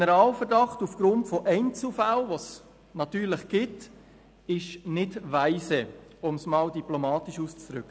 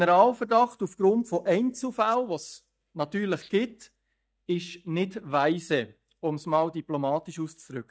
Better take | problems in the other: first | noise reduction (neural mask model DeepFilterNet 3)

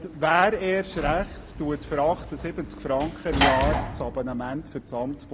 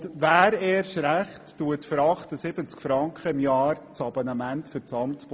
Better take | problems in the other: second | background sound (Sliding door / Slam); 5 dB below the speech

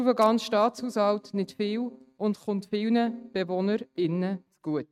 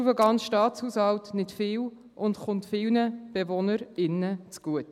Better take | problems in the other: second | noise reduction (neural mask model RNNoise)

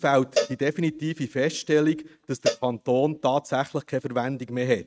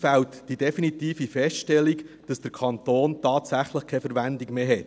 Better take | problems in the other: second | noise reduction (neural mask model RNNoise)

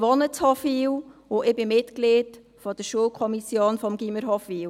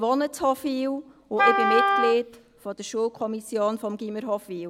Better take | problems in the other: first | background sound (Wind instrument, woodwind instrument); 3 dB above the speech

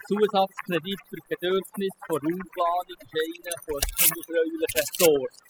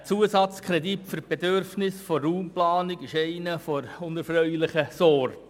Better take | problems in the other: second | noise reduction (classical method spectral subtraction)

